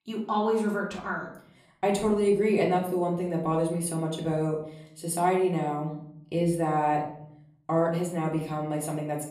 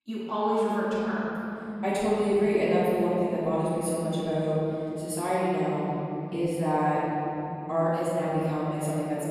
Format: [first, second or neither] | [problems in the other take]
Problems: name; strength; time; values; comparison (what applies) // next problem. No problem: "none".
first | room echo; strong; dies away in 3 s; slight in the first // off-mic speech; far; far in the first